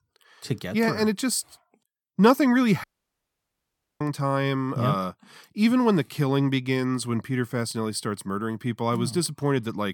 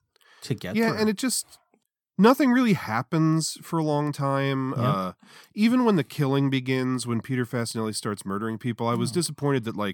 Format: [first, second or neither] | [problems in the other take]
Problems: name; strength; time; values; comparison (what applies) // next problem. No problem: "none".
second | audio cutting out; at 3 s for 1 s